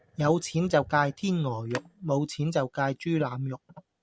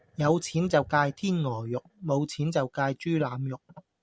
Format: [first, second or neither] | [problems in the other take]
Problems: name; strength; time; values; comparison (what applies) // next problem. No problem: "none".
second | background sound (Telephone); 17 dB below the speech